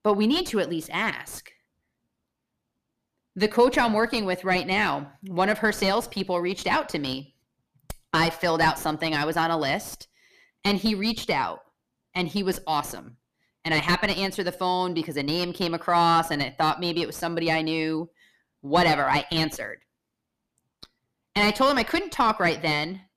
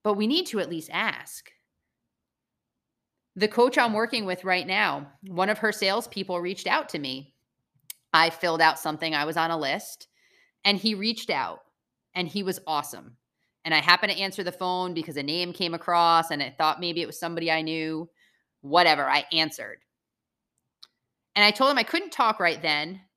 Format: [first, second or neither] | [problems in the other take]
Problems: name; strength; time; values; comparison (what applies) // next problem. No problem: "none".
second | distortion; heavy; 5 dB below the speech